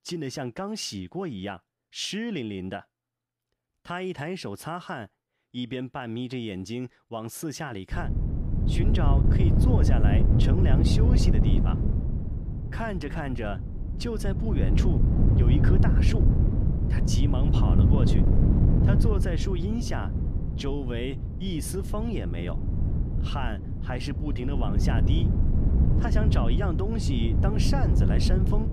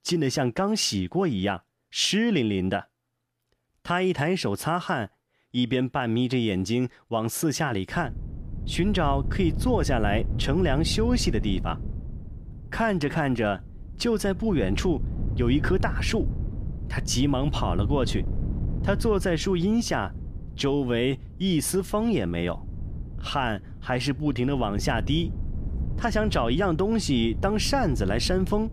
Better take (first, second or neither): second